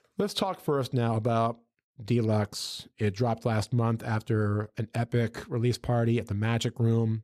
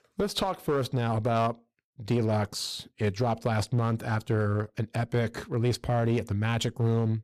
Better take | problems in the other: first | distortion; slight; 9% of the sound clipped

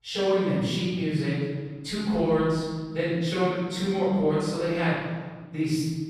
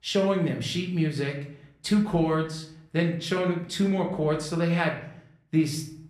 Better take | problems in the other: second | room echo; strong; dies away in 1.6 s; slight in the second // off-mic speech; far; somewhat distant in the second

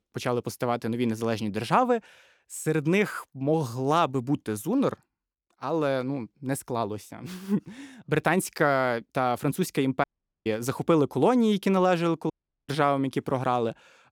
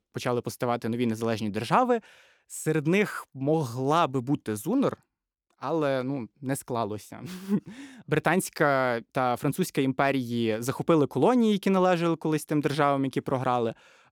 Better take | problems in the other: second | audio cutting out; at 10 s and at 12 s

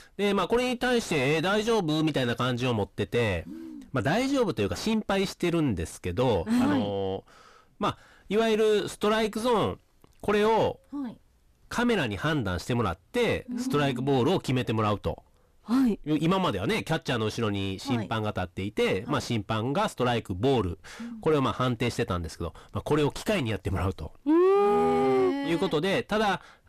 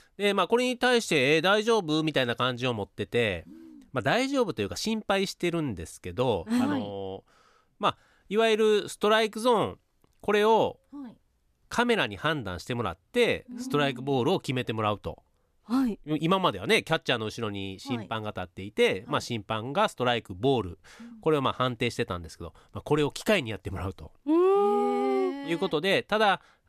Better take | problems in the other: second | distortion; heavy; 7 dB below the speech

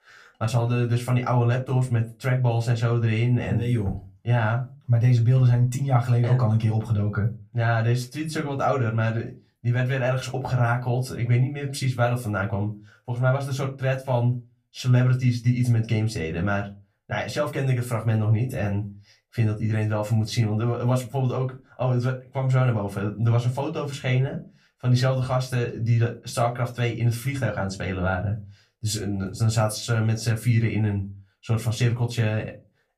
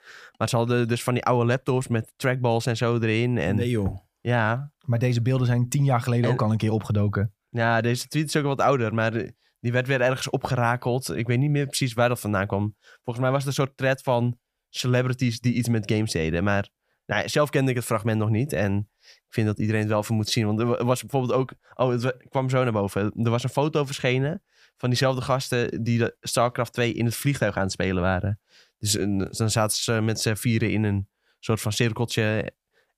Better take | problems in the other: second | off-mic speech; far // room echo; very slight; dies away in 0.2 s

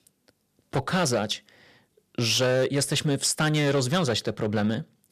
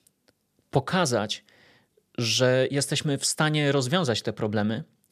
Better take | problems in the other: second | distortion; slight; 6% of the sound clipped

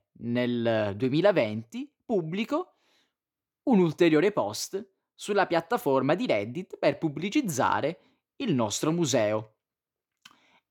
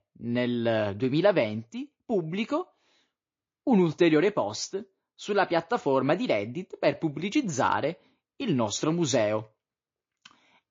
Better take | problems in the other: first | garbled, watery; slightly

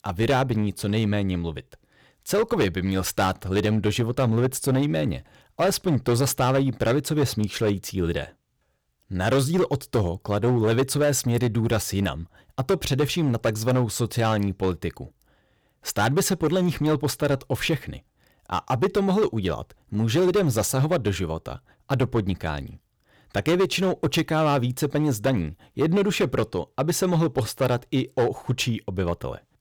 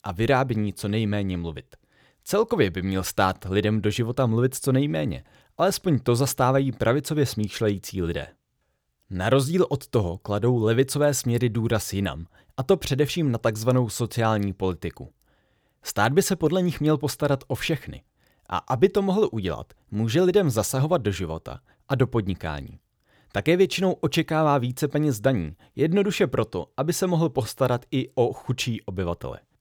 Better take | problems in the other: second | distortion; slight; 8% of the sound clipped

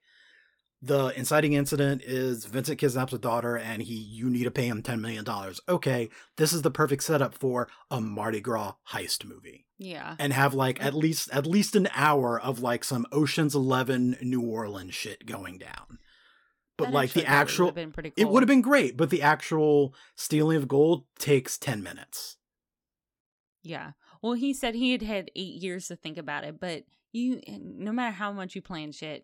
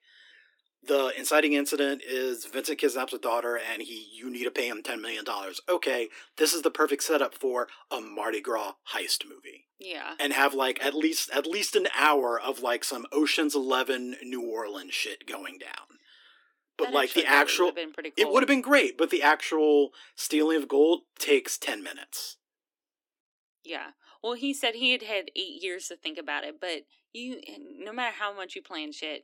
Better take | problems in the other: first | thin; very slightly; fading below 300 Hz

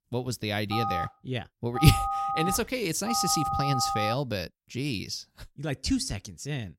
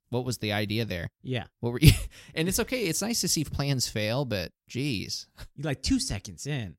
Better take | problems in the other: second | phone ringing; loud; from 0.5 to 4 s; peak level with the speech

